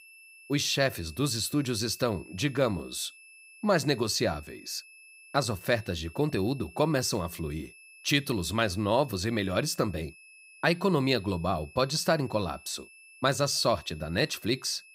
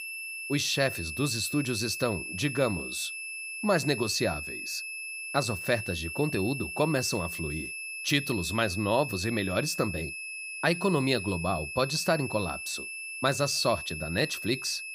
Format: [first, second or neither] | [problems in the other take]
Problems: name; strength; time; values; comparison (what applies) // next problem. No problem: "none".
first | high-pitched whine; loud; throughout; 2.5 kHz, 6 dB below the speech; faint in the first